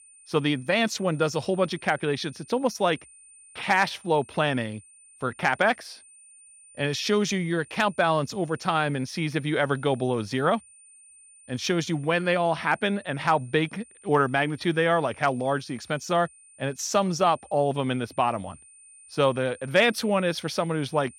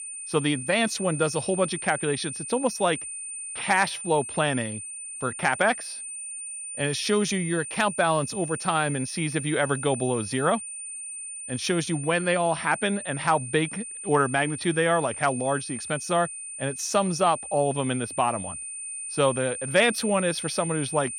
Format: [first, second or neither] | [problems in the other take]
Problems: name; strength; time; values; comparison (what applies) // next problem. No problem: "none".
first | high-pitched whine; loud; throughout; 9 kHz, 8 dB below the speech; faint in the first